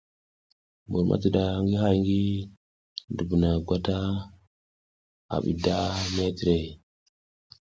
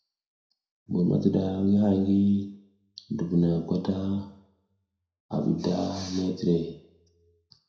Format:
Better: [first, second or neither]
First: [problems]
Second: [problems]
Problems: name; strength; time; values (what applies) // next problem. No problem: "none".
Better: first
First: none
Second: room echo; dies away in 0.6 s